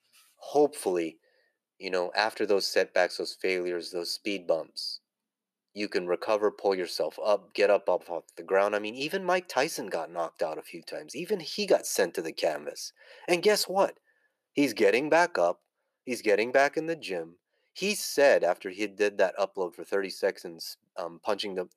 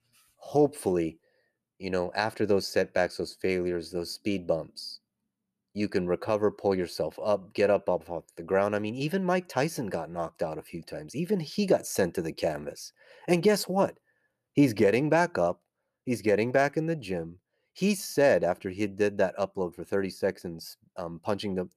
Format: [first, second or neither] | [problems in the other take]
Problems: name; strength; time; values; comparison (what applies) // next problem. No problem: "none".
second | thin; somewhat; fading below 400 Hz